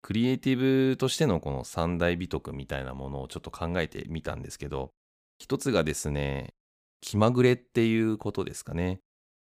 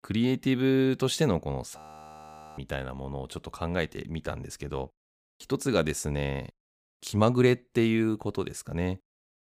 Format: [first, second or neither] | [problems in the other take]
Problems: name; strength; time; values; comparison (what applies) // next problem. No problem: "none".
first | audio freezing; at 2 s for 1 s